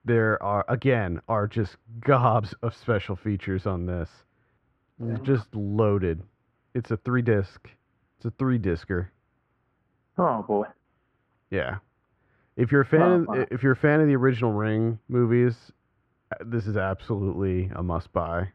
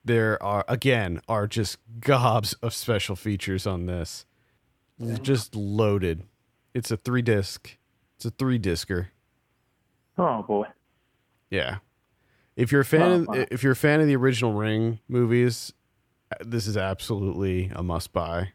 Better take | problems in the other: second | muffled; very; fading above 1.5 kHz

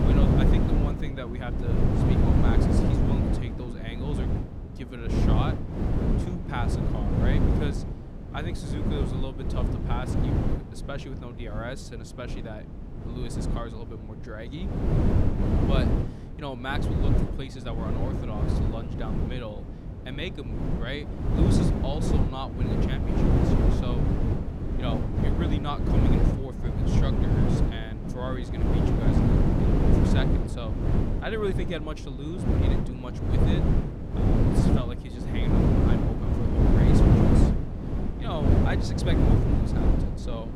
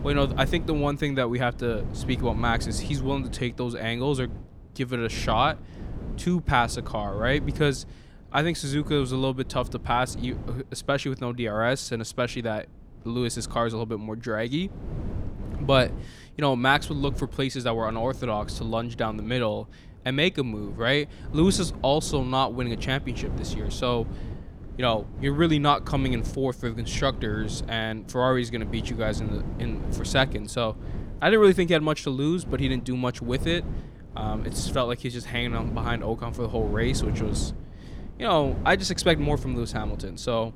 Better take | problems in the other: second | wind noise on the microphone; heavy; 4 dB above the speech; occasional gusts in the second

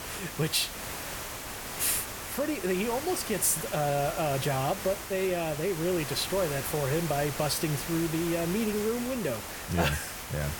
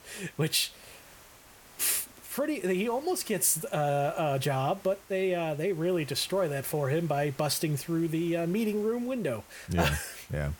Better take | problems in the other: second | hiss; loud; throughout; 7 dB below the speech; faint in the second

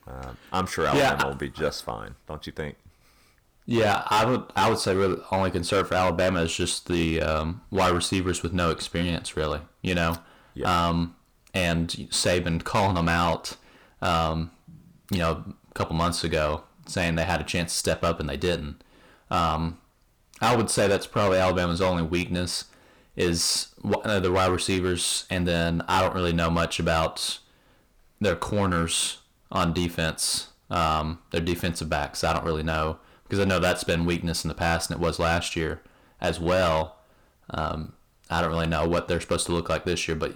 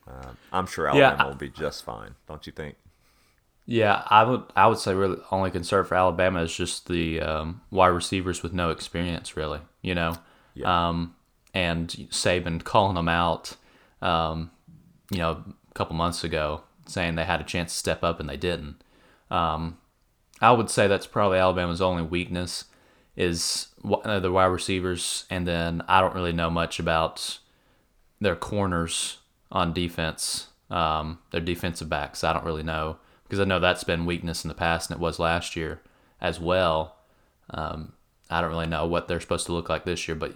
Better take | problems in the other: second | distortion; heavy; 7% of the sound clipped

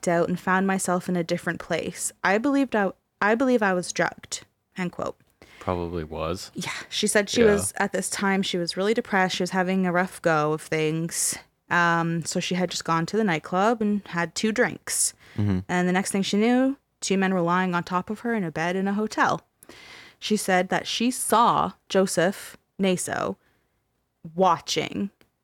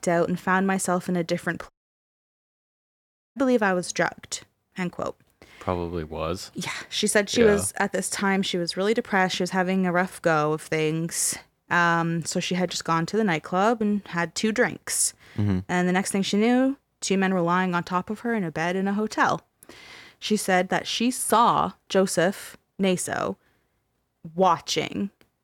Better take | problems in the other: first | audio cutting out; at 1.5 s for 1.5 s

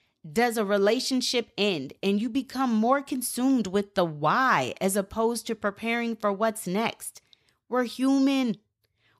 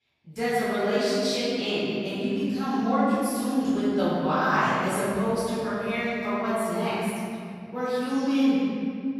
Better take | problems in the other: first | room echo; strong; dies away in 3 s // off-mic speech; far

